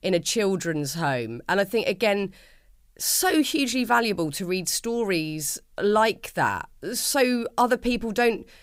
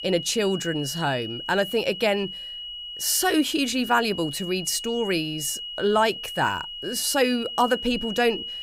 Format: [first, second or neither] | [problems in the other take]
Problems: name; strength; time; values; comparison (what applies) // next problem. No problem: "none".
first | high-pitched whine; loud; throughout; 3 kHz, 8 dB below the speech